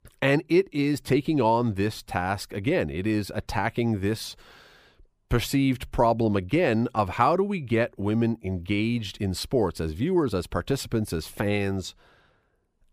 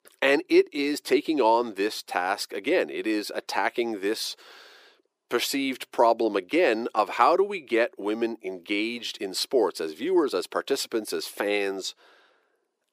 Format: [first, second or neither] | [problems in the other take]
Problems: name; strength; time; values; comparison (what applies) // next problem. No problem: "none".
first | thin; somewhat; fading below 350 Hz